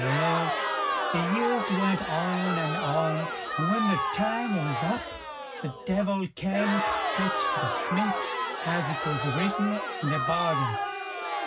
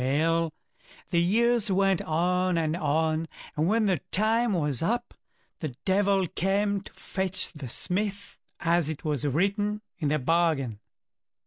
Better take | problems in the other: second | background sound (Crowd); as loud as the speech // room echo; dies away in 0.4 s

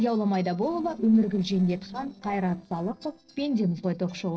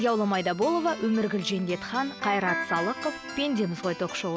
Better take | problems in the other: second | noise reduction (neural separator model SepFormer DNS4)

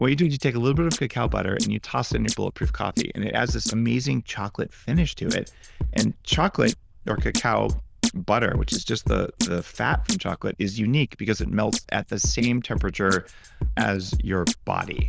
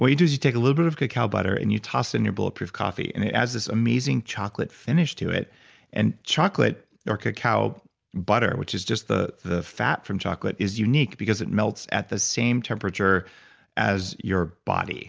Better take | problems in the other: second | noise reduction (neural diffusion model UNIVERSE++)

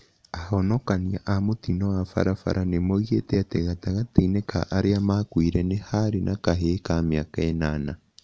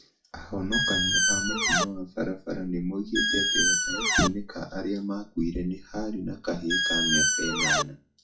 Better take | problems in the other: first | noise reduction (classical method WPE with log-MMSE)

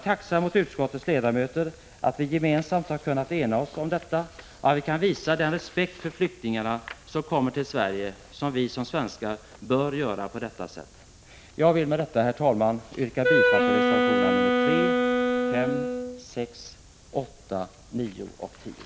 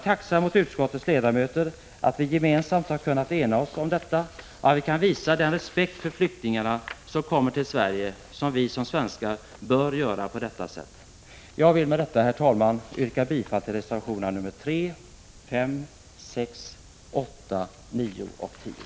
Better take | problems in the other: second | background sound (Wind instrument, woodwind instrument); 4 dB above the speech

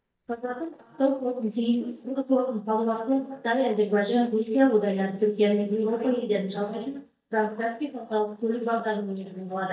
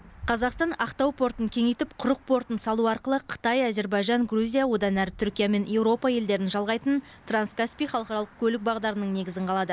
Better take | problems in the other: second | noise reduction (neural mask model DeepFilterNet 3)

